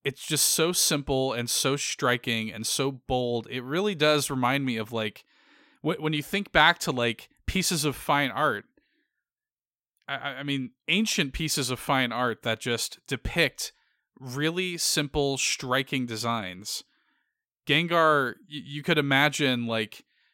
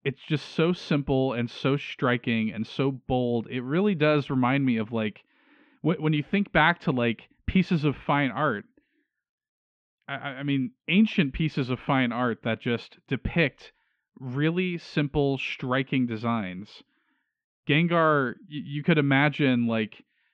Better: first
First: none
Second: muffled; very; fading above 3 kHz

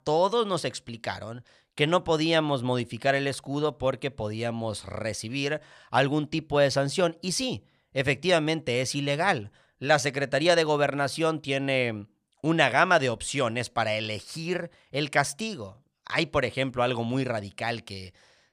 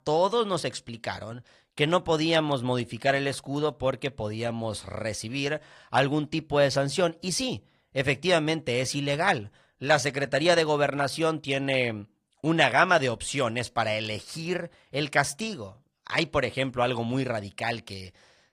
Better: first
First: none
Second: garbled, watery; slightly; nothing above 15 kHz

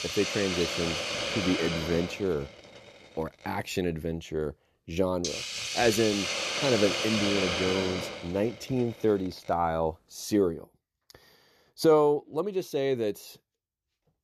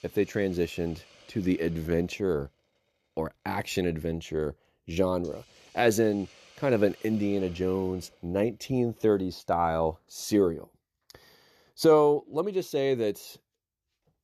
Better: second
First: hiss; loud; until 11 s; 1 dB below the speech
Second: hiss; faint; until 11 s; 25 dB below the speech

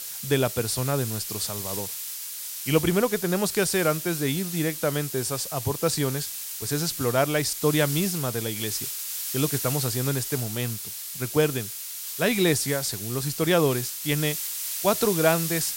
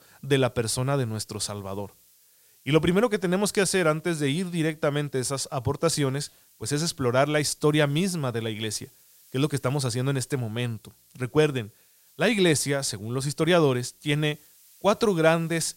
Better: second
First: hiss; loud; throughout; 5 dB below the speech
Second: hiss; faint; throughout; 30 dB below the speech

